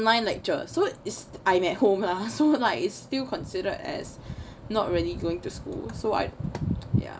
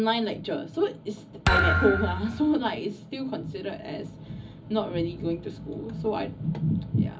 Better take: first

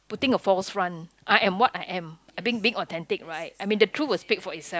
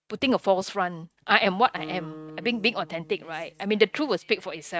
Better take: first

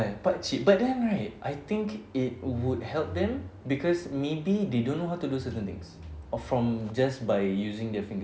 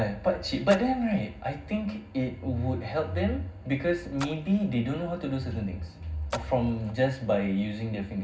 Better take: first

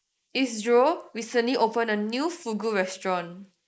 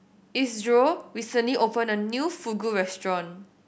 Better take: second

